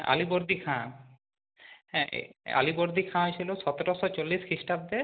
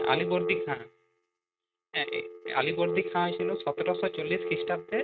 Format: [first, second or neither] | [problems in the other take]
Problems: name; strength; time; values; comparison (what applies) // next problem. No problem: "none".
first | noise reduction (neural mask model RNNoise)